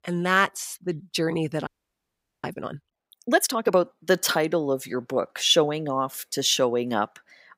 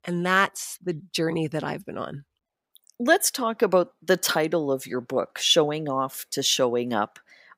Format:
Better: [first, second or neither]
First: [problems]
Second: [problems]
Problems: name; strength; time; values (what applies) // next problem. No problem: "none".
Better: second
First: audio freezing; at 1.5 s for 1 s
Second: none